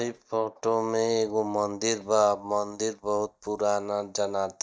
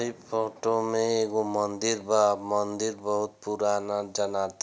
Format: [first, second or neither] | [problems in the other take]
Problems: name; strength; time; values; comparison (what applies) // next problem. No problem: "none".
second | noise reduction (neural mask model DeepFilterNet 3)